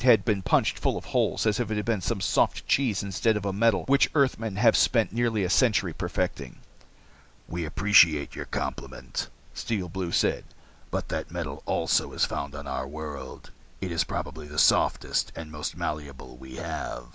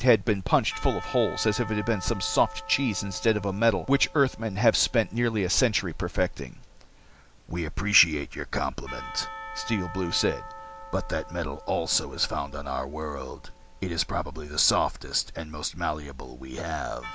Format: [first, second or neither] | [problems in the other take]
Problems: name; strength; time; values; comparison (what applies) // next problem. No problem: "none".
first | background sound (Church bell / Percussion); 17 dB below the speech